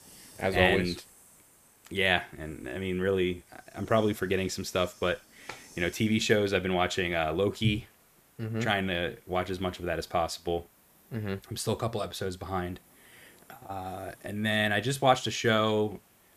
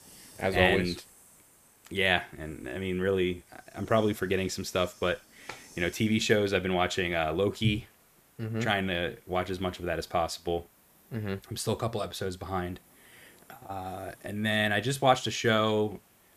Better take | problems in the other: neither | hiss; faint; throughout; 30 dB below the speech; the same in both

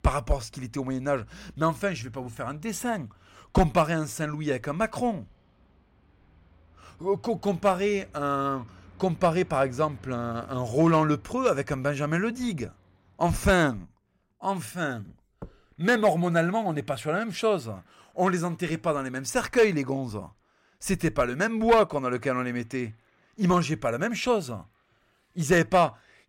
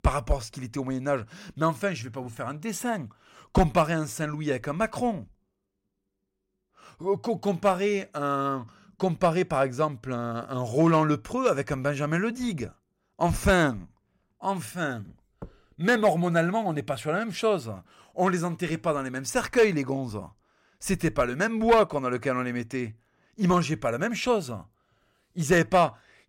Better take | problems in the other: second | traffic noise; faint; throughout; 30 dB below the speech

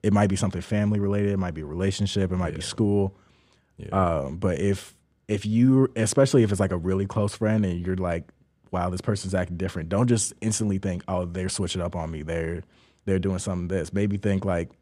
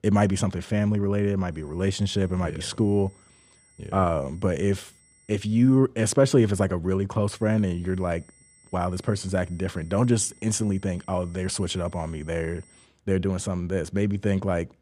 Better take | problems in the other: first | high-pitched whine; faint; from 1.5 to 6 s and from 7.5 to 13 s; 8 kHz, 30 dB below the speech

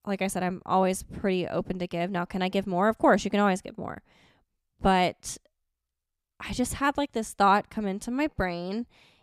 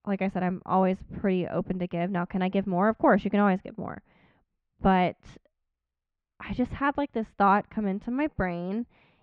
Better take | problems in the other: first | muffled; very; fading above 2.5 kHz

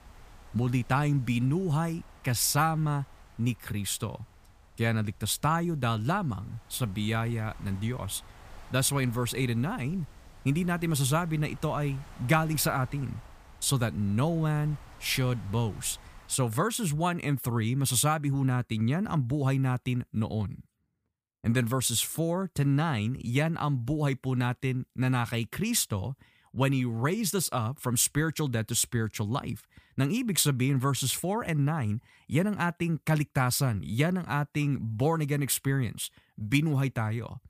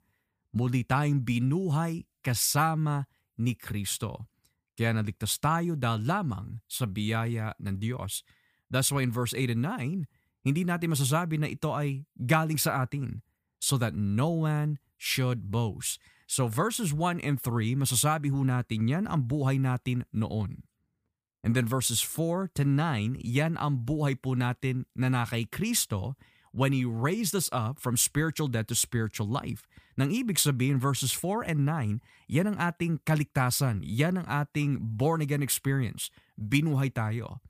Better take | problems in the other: second | wind noise on the microphone; occasional gusts; until 16 s; 25 dB below the speech

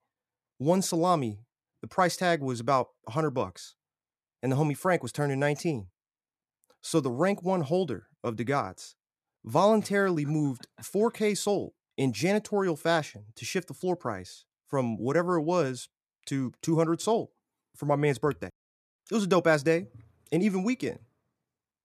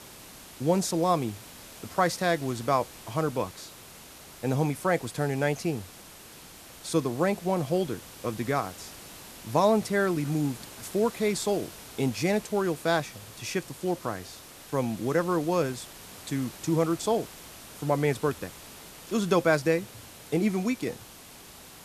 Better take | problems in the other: first | hiss; noticeable; throughout; 15 dB below the speech

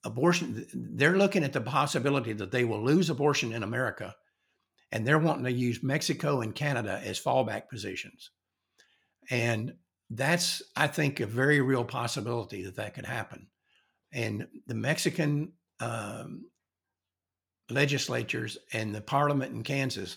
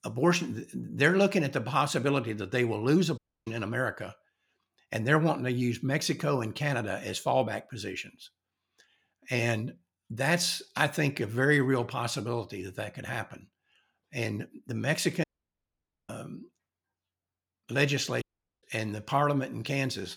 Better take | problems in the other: first | audio cutting out; at 3 s, at 15 s for 1 s and at 18 s

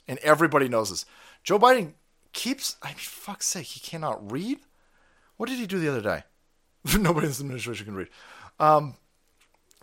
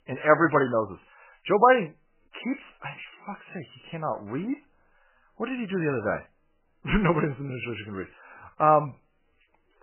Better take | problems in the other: first | garbled, watery; badly; nothing above 3 kHz

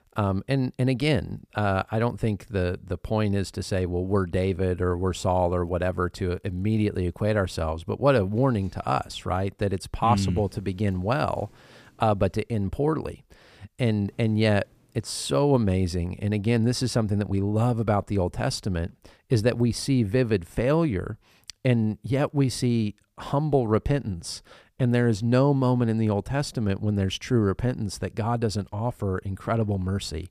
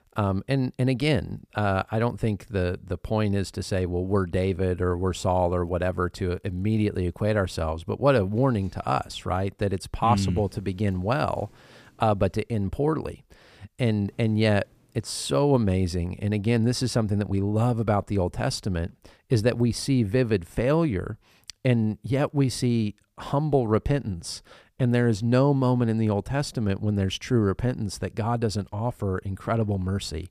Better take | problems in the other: neither | none

